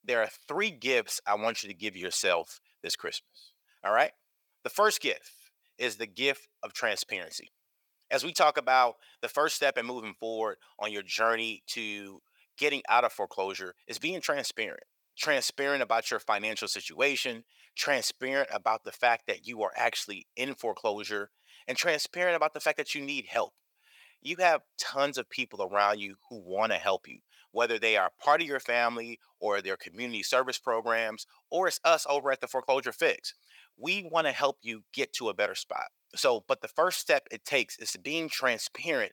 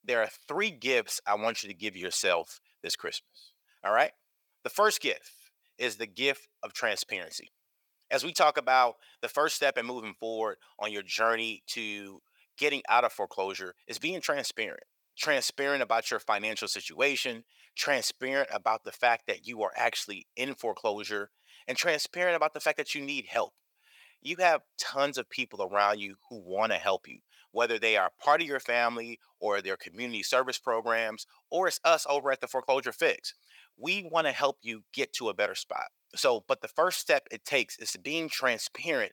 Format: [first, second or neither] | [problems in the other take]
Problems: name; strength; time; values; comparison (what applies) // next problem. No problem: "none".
neither | thin; very; fading below 600 Hz; the same in both